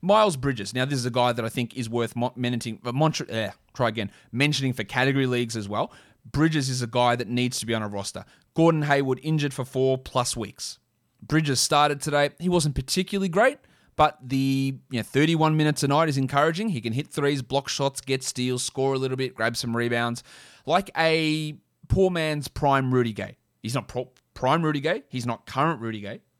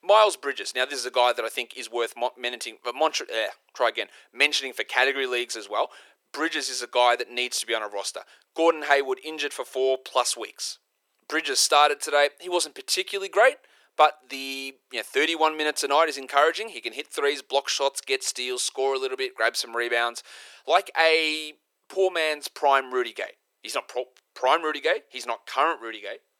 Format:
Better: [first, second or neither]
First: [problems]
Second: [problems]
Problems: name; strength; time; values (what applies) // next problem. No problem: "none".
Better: first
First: none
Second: thin; very; fading below 400 Hz